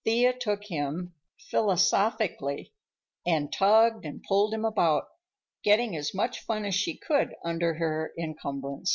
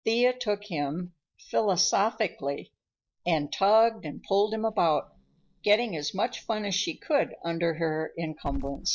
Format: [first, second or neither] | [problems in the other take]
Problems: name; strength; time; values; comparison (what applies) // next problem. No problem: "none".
first | noise reduction (neural mask model DeepFilterNet 3)